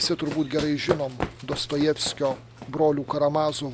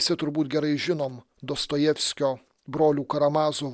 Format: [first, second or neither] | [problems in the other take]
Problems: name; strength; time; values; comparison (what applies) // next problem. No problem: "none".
second | background sound (Run); 10 dB below the speech